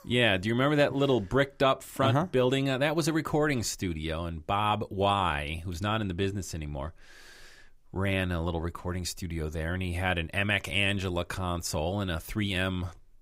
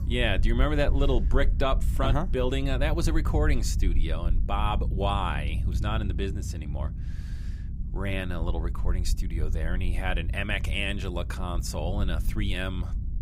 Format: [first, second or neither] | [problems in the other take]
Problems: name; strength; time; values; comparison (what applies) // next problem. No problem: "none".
first | low rumble; noticeable; throughout; 15 dB below the speech